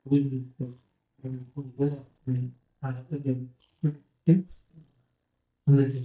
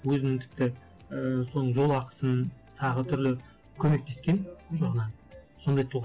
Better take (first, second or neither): second